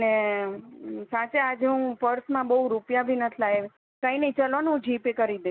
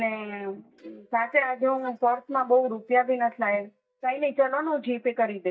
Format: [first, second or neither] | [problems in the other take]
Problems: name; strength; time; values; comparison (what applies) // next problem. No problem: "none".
first | noise reduction (neural mask model DeepFilterNet 3)